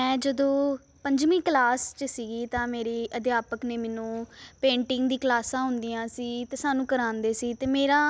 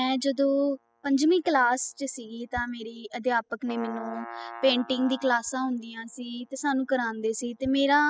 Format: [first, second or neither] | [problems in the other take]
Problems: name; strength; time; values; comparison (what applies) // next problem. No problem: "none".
first | noise reduction (classical method spectral subtraction)